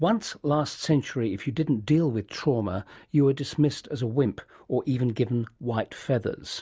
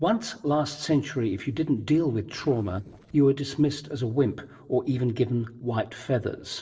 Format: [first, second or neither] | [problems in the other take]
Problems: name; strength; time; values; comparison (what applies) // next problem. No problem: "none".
first | noise reduction (neural separator model SepFormer DNS4)